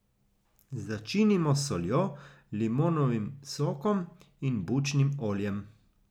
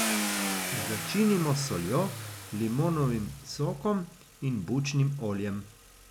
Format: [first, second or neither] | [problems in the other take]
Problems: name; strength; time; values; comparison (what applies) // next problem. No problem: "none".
first | background sound (Car); 7 dB below the speech